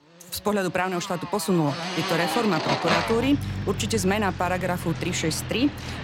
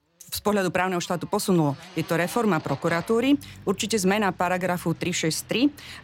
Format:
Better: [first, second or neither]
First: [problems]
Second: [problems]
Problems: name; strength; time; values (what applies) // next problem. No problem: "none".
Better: second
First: traffic noise; loud; throughout; 4 dB below the speech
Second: traffic noise; faint; throughout; 20 dB below the speech